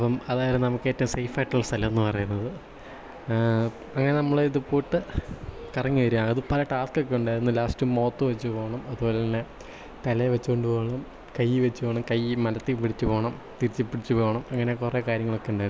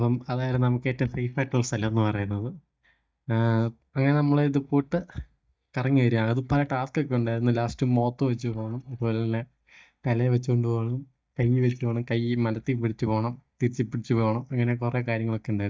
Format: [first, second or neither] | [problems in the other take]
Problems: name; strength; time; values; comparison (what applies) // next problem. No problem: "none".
first | noise reduction (neural mask model DeepFilterNet 3)